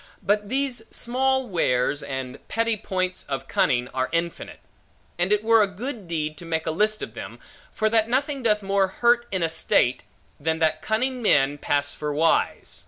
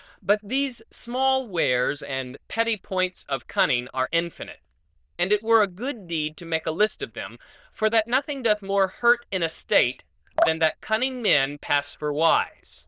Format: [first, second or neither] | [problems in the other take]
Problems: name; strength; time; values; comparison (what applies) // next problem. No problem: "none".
first | noise reduction (neural diffusion model UNIVERSE++)